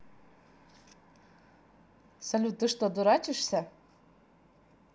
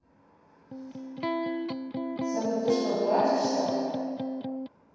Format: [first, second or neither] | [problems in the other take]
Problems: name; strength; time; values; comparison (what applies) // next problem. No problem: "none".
first | background sound (Electric guitar); 1 dB below the speech // room echo; dies away in 2.2 s